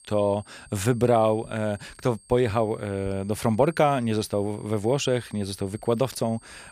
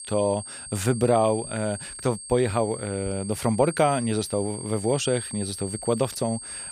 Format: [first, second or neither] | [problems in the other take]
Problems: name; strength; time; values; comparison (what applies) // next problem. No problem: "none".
first | high-pitched whine; loud; throughout; 8.5 kHz, 10 dB below the speech; faint in the first